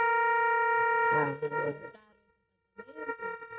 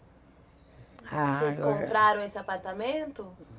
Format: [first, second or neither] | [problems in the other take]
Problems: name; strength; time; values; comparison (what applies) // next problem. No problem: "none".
second | noise reduction (neural mask model RNNoise)